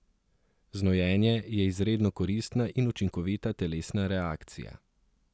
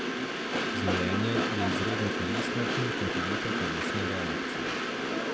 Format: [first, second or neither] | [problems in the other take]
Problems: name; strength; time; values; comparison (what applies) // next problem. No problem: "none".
first | background sound (Train); 5 dB above the speech